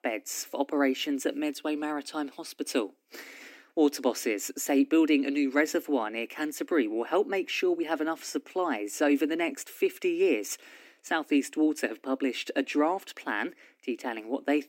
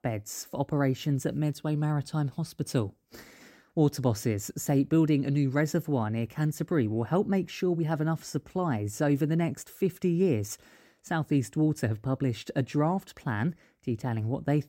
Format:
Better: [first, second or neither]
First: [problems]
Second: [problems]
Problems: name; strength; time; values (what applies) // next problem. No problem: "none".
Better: second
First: thin; very slightly; fading below 250 Hz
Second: none